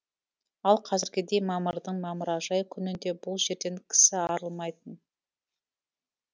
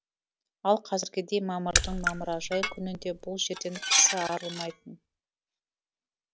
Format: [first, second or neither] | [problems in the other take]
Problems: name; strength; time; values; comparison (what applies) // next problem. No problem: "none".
first | background sound (Raindrop / Splash, splatter + Dishes, pots, and pans); 1 dB below the speech